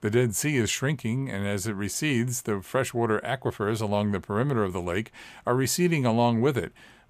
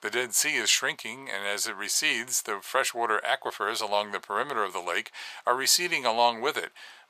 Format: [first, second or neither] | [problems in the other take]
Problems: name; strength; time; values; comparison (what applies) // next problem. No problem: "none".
first | thin; very; fading below 800 Hz